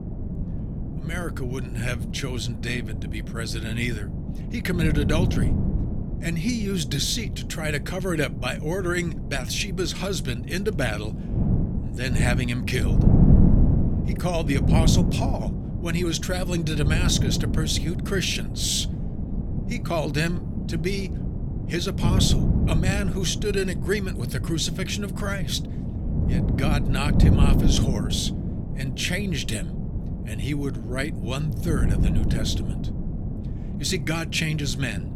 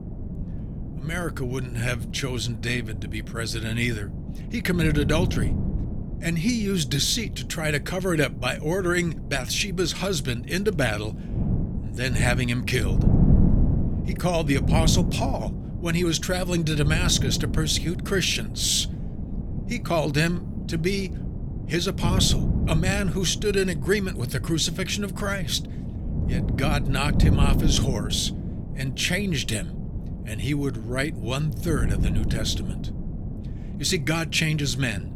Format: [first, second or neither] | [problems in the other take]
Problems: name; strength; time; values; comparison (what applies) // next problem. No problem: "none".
second | wind noise on the microphone; heavy; 7 dB below the speech; occasional gusts in the second